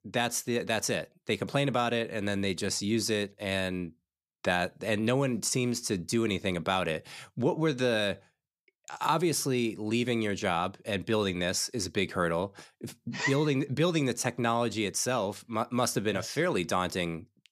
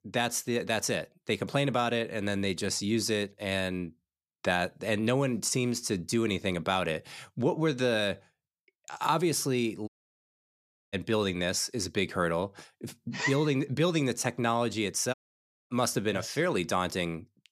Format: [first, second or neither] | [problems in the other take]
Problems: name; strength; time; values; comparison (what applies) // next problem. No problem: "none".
first | audio cutting out; at 10 s for 1 s and at 15 s for 0.5 s